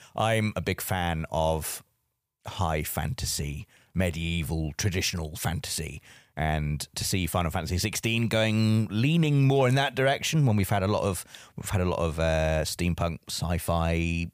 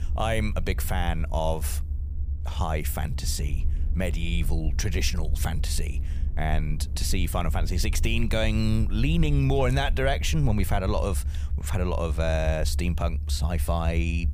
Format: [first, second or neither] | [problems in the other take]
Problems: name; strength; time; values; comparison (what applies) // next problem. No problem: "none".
first | low rumble; noticeable; throughout; 20 dB below the speech